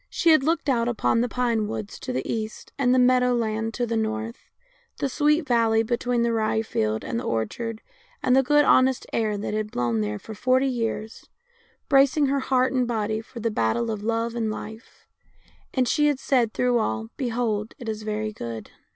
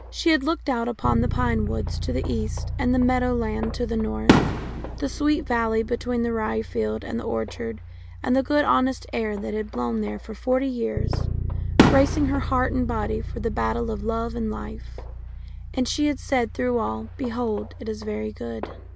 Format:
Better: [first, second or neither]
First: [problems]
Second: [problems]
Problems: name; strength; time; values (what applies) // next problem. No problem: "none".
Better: first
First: none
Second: background sound (Fireworks + Bass guitar); 3 dB below the speech